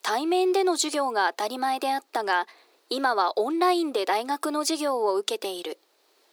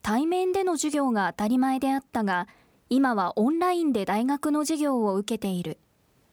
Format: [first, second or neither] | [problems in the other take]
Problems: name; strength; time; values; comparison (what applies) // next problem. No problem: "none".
second | thin; somewhat; fading below 350 Hz